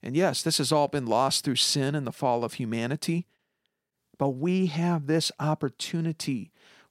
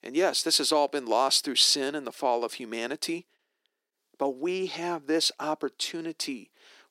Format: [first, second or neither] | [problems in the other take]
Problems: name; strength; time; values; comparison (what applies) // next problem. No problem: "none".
first | thin; somewhat; fading below 300 Hz